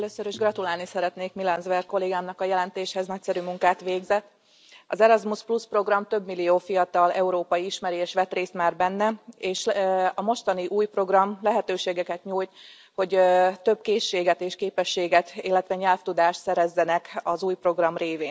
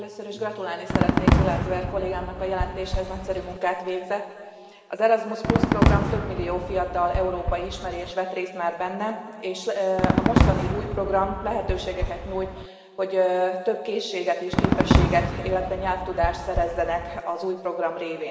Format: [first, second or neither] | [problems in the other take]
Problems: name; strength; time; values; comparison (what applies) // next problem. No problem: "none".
first | background sound (Fireworks); as loud as the speech // room echo; dies away in 2.2 s